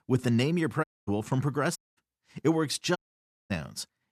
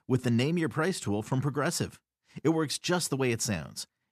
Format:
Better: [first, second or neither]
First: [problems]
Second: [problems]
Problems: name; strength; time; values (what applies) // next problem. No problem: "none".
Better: second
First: audio cutting out; at 1 s, at 2 s and at 3 s for 0.5 s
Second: none